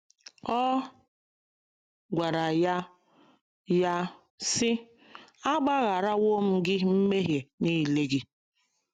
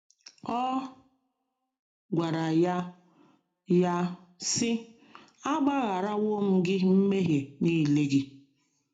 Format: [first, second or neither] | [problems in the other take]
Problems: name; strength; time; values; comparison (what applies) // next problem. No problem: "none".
first | room echo; dies away in 0.3 s